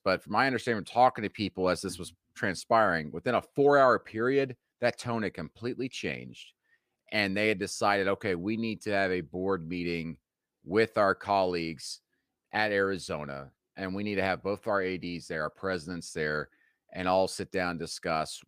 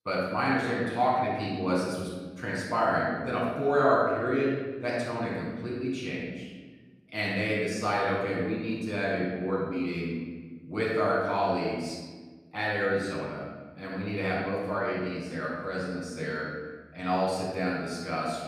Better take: first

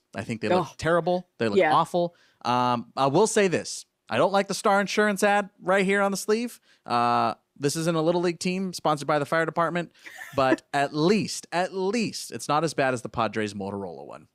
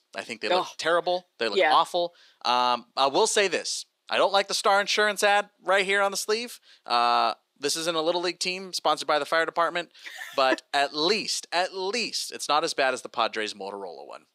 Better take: first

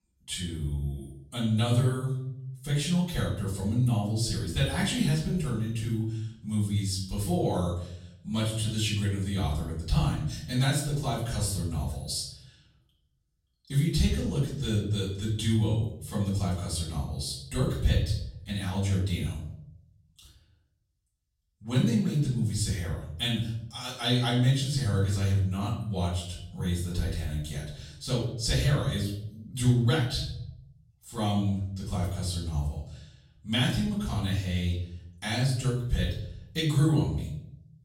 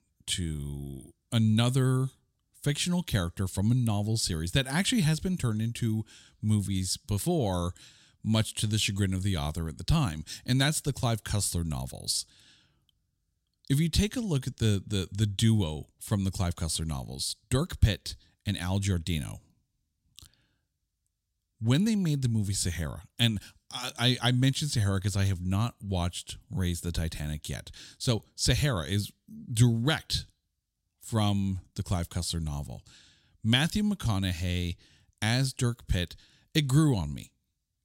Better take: second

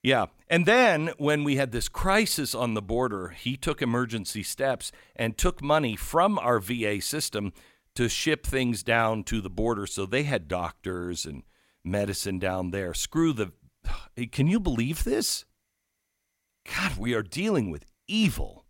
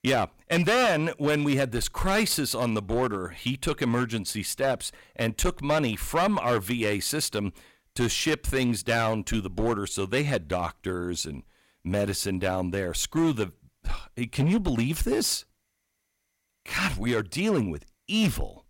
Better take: first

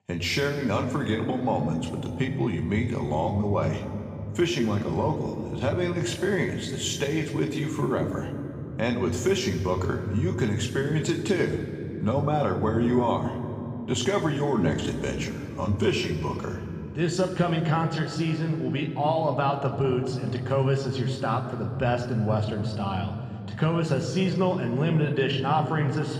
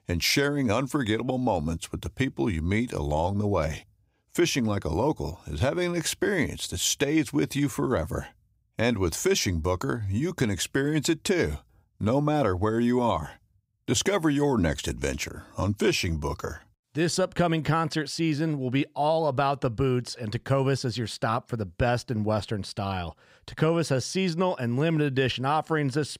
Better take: second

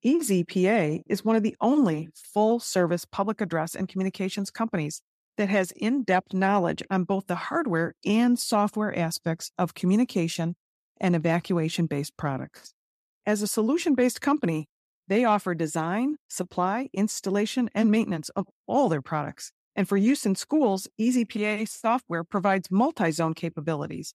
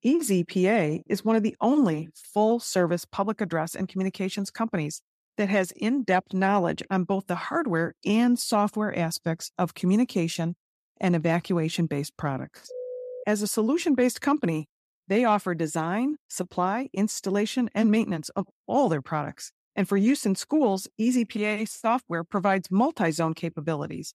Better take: first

